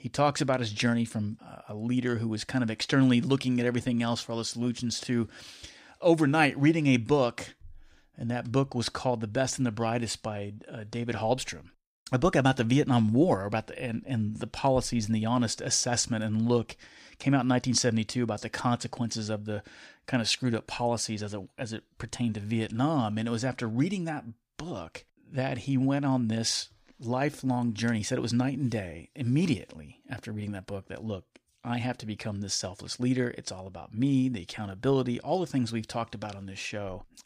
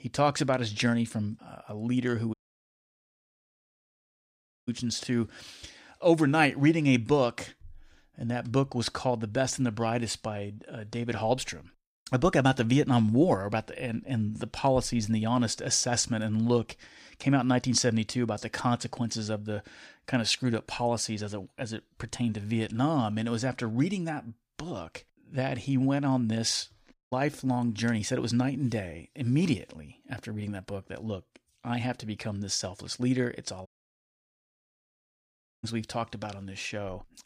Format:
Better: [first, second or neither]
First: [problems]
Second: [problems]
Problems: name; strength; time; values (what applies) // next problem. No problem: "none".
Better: first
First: none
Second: audio cutting out; at 2.5 s for 2.5 s, at 27 s and at 34 s for 2 s